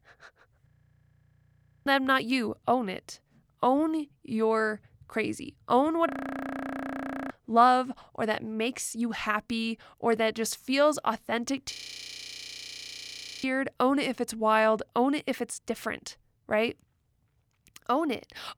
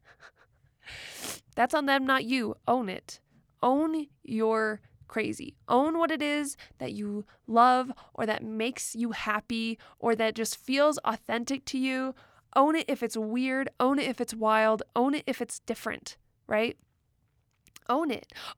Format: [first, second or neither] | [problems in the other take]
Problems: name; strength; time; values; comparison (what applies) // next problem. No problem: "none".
second | audio freezing; at 0.5 s for 1 s, at 6 s for 1 s and at 12 s for 1.5 s